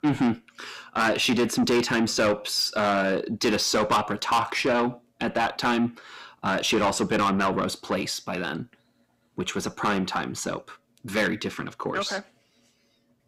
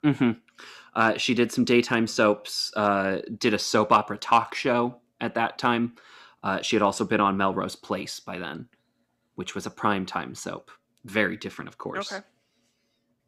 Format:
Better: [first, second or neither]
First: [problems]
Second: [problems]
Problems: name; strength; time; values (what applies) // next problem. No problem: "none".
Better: second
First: distortion; heavy; 6 dB below the speech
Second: none